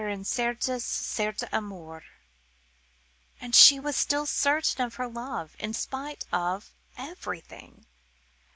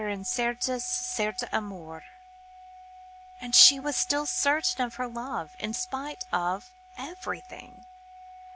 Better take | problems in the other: first | background sound (Organ); 19 dB below the speech

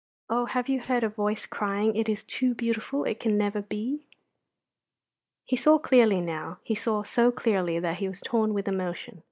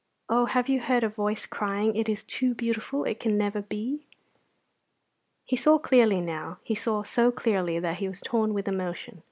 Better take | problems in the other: second | noise reduction (neural mask model DeepFilterNet 3)

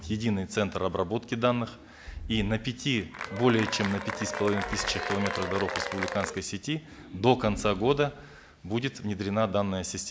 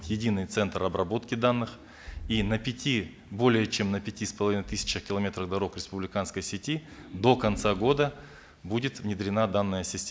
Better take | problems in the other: second | background sound (Applause / Cheering); 6 dB below the speech

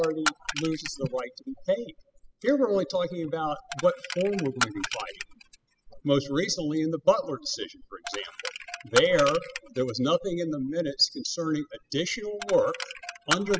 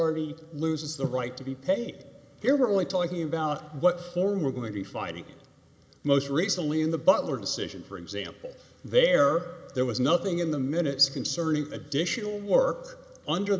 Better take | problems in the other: second | noise reduction (classical method spectral subtraction)

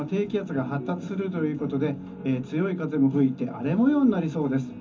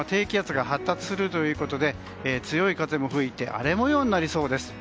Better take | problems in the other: second | room echo; dies away in 0.3 s

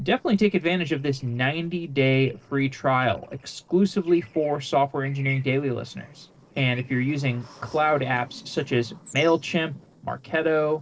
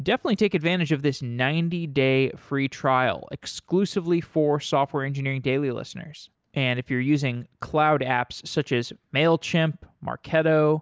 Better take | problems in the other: second | noise reduction (neural separator model SepFormer DNS4)

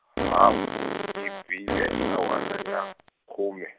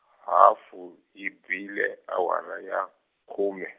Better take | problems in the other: second | background sound (Fart); 1 dB below the speech

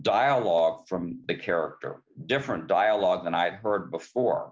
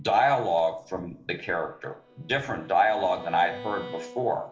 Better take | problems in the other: first | background sound (Bowed string instrument); 19 dB below the speech // room echo; dies away in 0.9 s

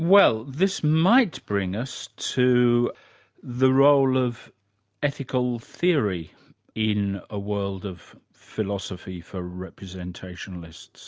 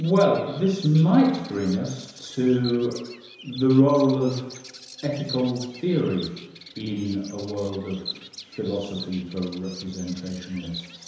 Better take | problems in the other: first | background sound (Bird vocalization, bird call, bird song); 18 dB below the speech // room echo; dies away in 1 s

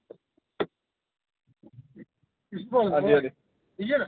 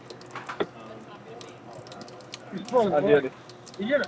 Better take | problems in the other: first | background sound (Sink (filling or washing) / Water tap, faucet / Water); 14 dB below the speech

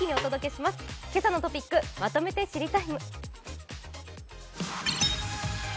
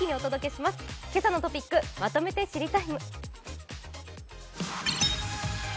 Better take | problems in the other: second | background sound (Snare drum); 8 dB below the speech

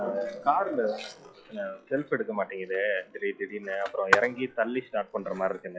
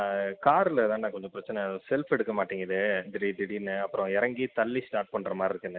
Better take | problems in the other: second | noise reduction (classical method log-MMSE)

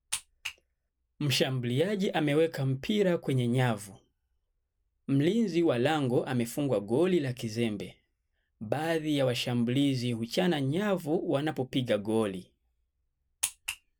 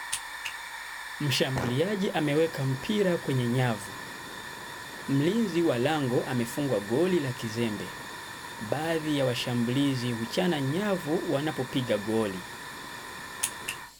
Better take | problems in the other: first | background sound (Hiss / Fire); 10 dB below the speech

